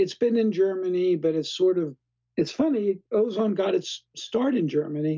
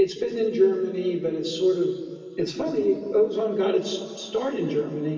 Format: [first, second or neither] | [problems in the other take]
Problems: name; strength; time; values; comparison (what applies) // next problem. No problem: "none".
first | room echo; dies away in 2.6 s